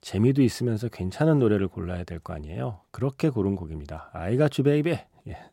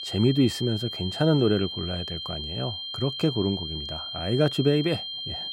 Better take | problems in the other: first | high-pitched whine; loud; throughout; 3 kHz, 6 dB below the speech

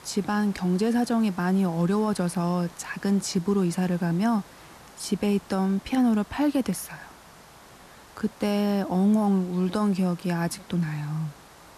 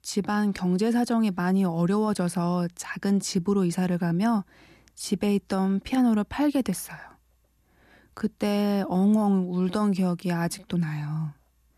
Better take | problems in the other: second | hiss; faint; throughout; 20 dB below the speech

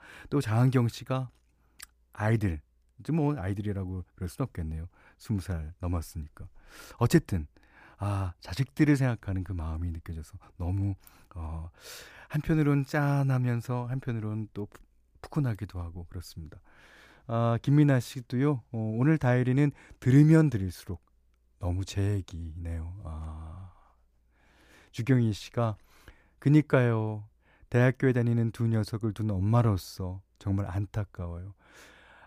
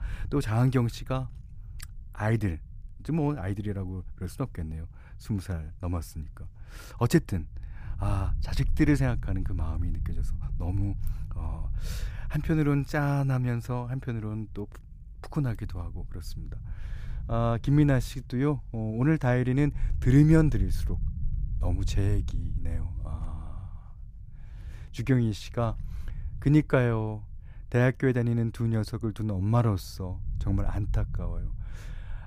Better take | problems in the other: first | low rumble; faint; throughout; 25 dB below the speech

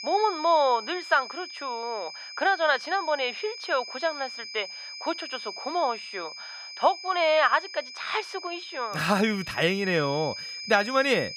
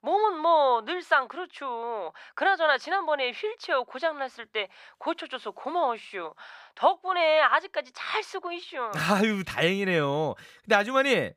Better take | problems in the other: second | high-pitched whine; noticeable; throughout; 5 kHz, 10 dB below the speech

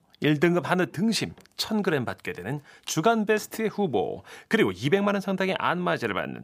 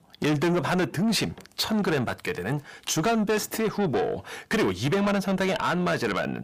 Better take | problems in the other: first | distortion; heavy; 7 dB below the speech

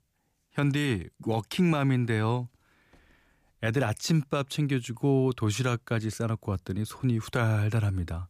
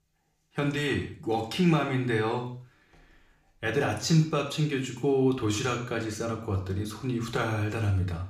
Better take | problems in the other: first | room echo; noticeable; dies away in 0.5 s // off-mic speech; somewhat distant

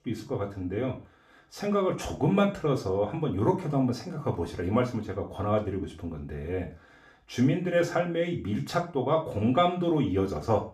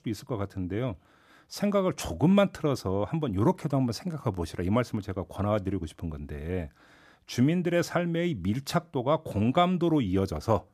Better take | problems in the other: second | room echo; slight; dies away in 0.3 s // off-mic speech; far

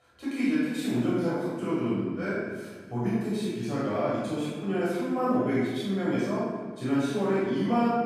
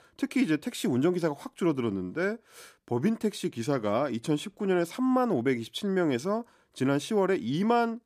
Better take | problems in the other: second | off-mic speech; far // room echo; strong; dies away in 1.4 s

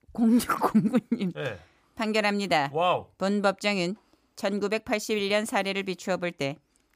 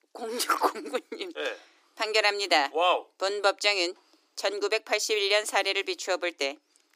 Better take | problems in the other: first | thin; very; fading below 300 Hz

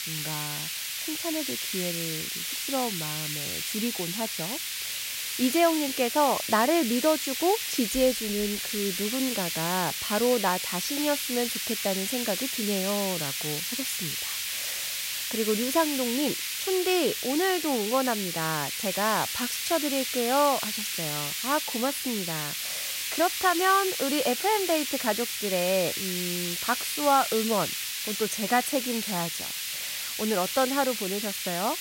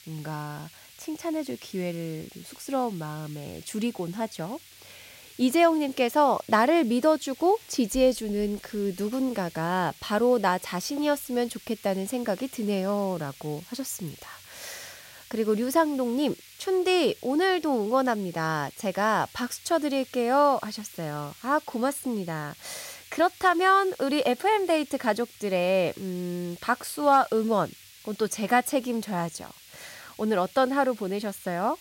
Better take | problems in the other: second | hiss; loud; throughout; 1 dB below the speech; faint in the second

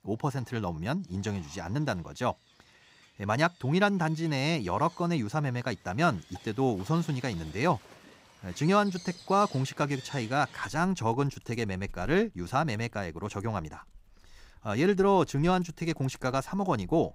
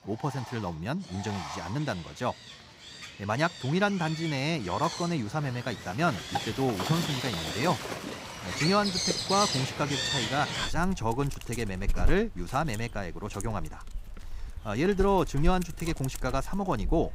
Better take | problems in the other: first | animal sounds; loud; throughout; 4 dB below the speech; faint in the first

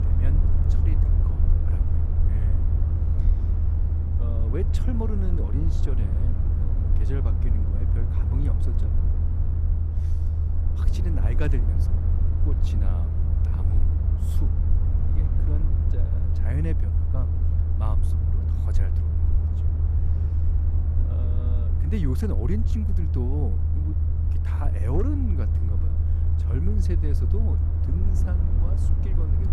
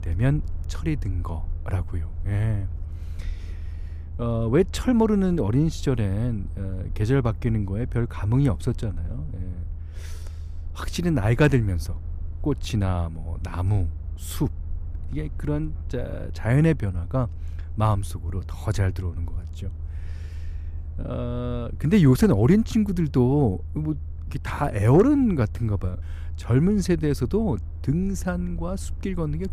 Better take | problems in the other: second | low rumble; loud; throughout; as loud as the speech; faint in the second

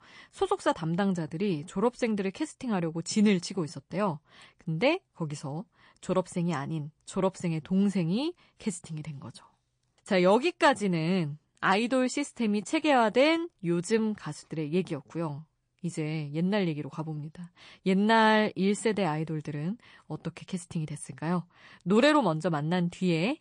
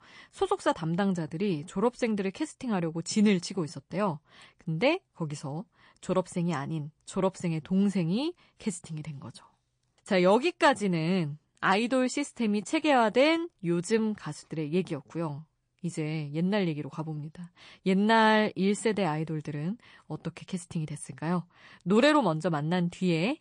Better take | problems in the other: neither | garbled, watery; slightly; nothing above 9.5 kHz; the same in both

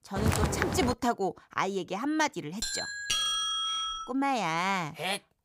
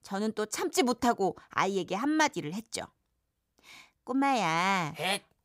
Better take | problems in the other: second | footsteps; loud; at the start; peak 3 dB above the speech // doorbell; loud; from 2.5 to 4 s; peak 5 dB above the speech

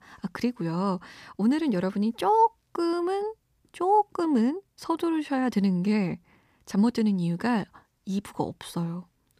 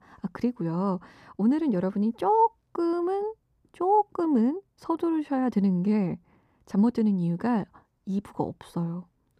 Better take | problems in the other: first | muffled; slightly; fading above 1.5 kHz

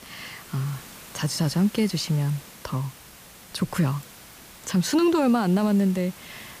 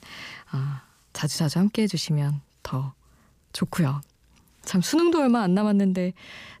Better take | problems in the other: second | hiss; noticeable; throughout; 20 dB below the speech

